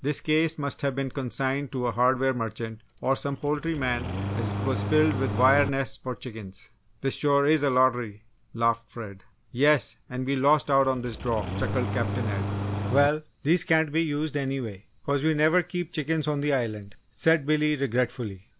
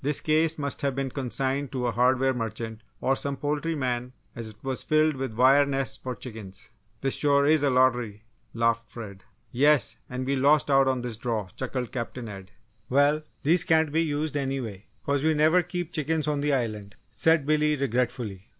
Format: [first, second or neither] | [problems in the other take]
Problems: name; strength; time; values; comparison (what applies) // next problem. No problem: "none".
second | background sound (Engine starting); 4 dB below the speech